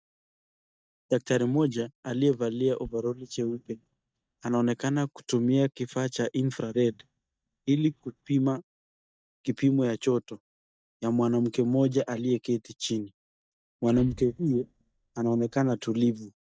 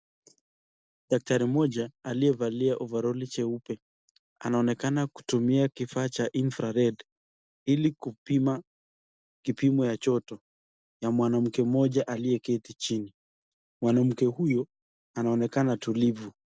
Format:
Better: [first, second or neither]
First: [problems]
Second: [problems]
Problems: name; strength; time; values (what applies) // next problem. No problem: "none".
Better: second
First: noise reduction (neural mask model DeepFilterNet 3)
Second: none